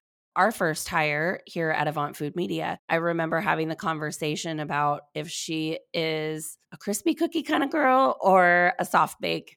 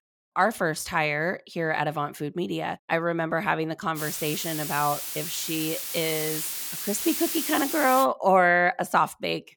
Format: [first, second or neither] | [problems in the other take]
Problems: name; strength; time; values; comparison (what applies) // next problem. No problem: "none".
first | hiss; loud; from 4 to 8 s; 4 dB below the speech